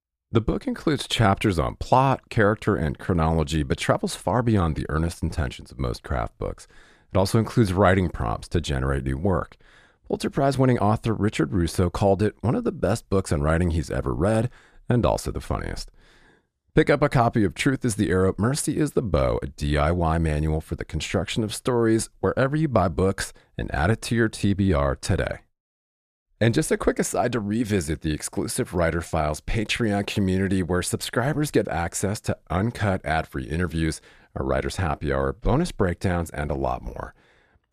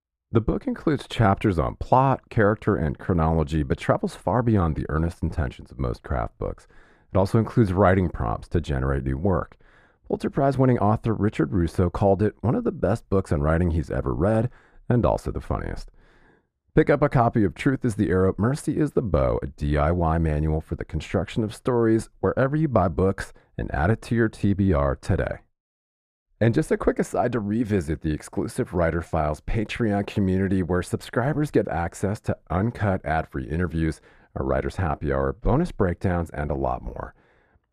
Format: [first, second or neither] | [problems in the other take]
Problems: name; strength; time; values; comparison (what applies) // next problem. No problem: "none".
first | muffled; slightly; fading above 2.5 kHz